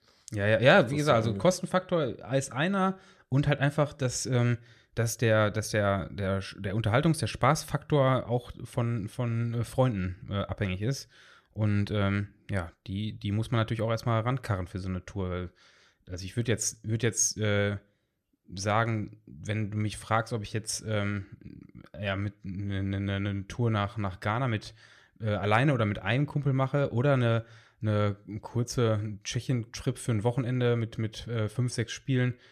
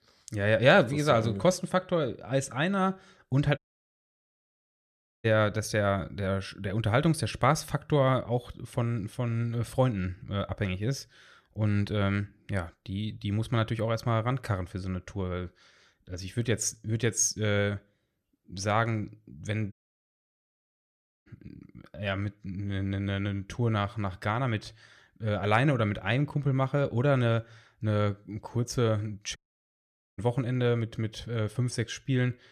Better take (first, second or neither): first